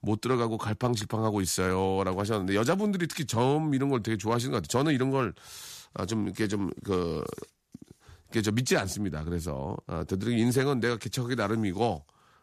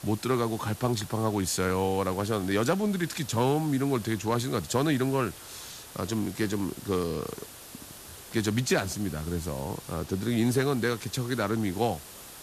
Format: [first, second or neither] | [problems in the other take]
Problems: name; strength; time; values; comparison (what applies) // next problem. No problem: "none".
first | hiss; noticeable; throughout; 15 dB below the speech